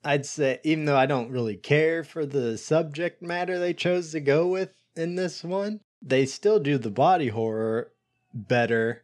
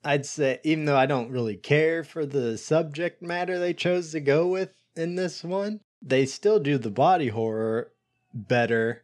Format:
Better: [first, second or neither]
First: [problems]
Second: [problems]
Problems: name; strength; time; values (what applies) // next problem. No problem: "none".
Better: neither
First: none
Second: none